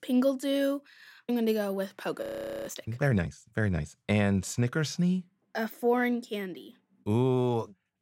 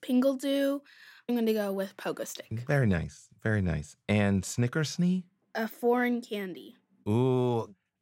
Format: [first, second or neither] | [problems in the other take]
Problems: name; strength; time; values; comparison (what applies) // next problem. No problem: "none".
second | audio freezing; at 2 s